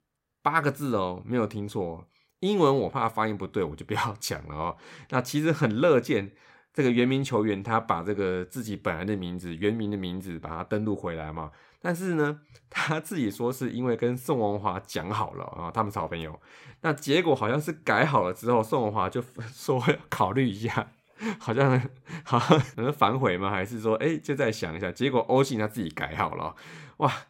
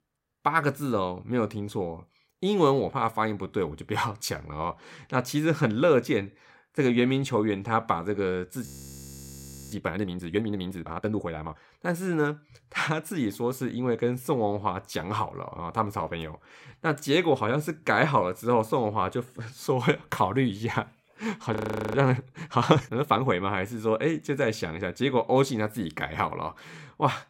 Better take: first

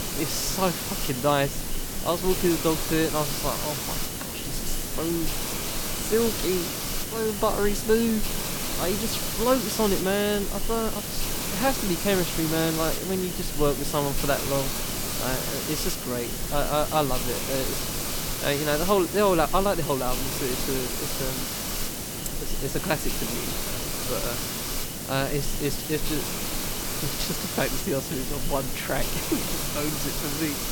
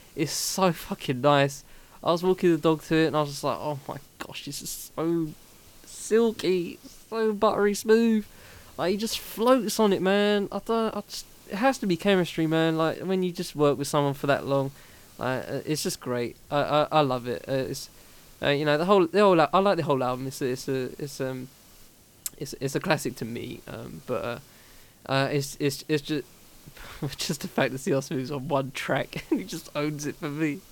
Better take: second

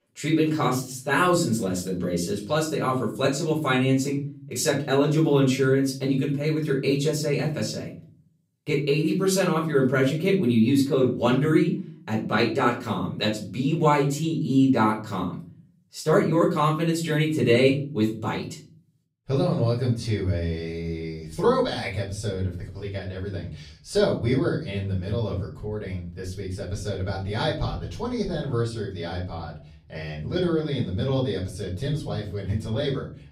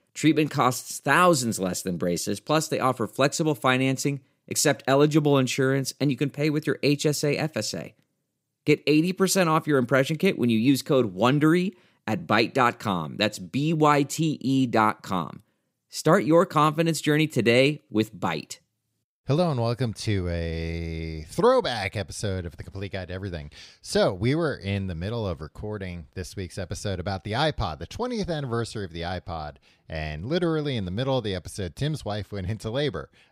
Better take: second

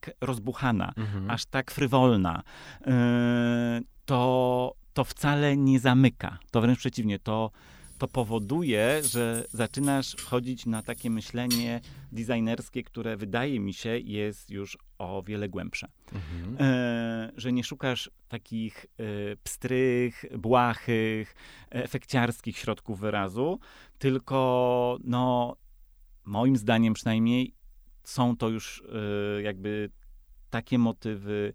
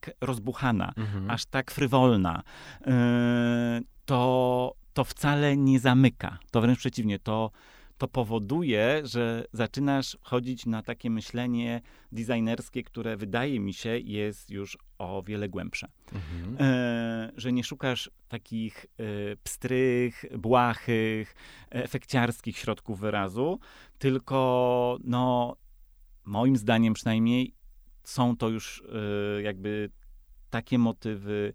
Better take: second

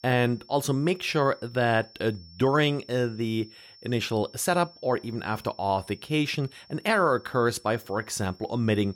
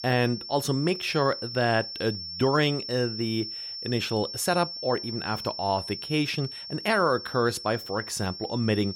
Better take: first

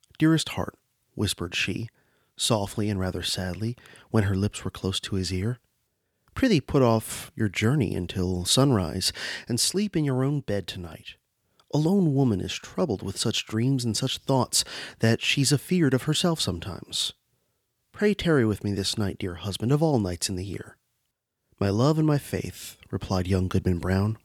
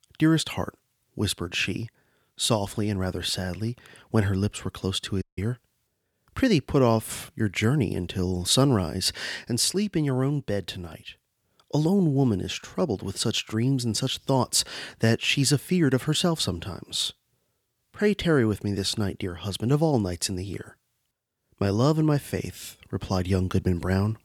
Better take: first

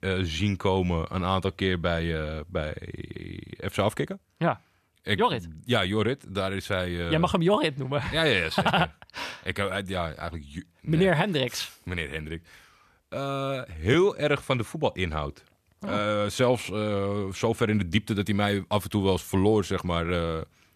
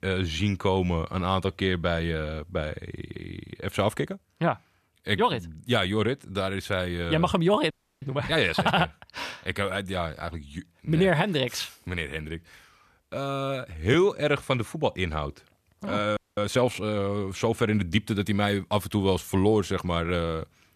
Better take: first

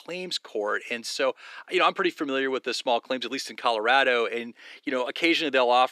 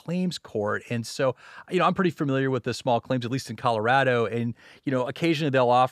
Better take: second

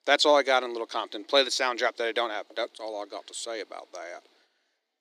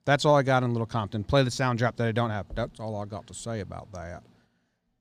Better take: second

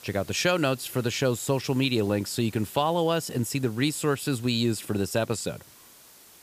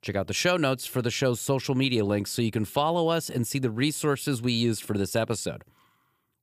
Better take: second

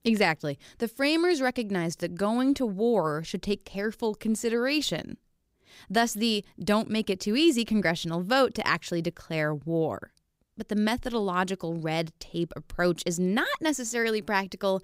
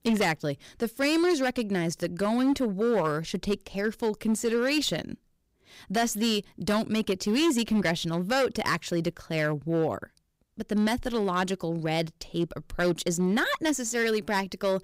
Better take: first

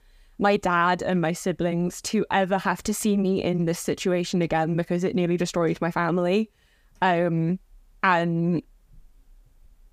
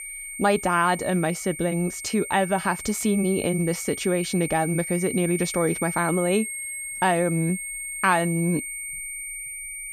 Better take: first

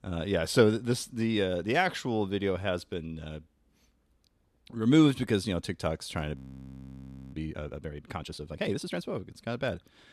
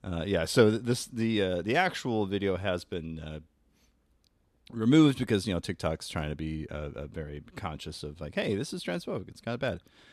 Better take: second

